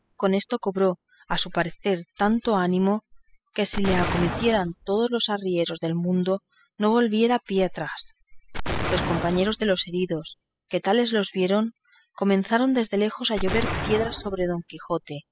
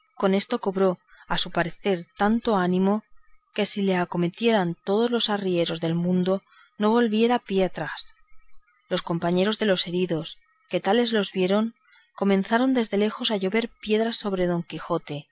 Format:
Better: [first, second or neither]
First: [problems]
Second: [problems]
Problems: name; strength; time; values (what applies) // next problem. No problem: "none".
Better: second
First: noise reduction (classical method spectral subtraction)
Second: none